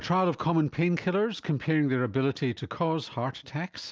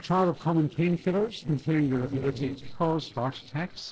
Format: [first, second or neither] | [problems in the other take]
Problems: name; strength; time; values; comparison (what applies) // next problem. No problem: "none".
first | noise reduction (neural separator model SepFormer DNS4)